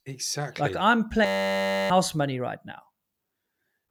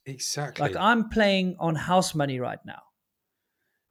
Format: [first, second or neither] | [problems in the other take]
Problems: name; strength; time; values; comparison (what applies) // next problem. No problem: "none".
second | audio freezing; at 1.5 s for 0.5 s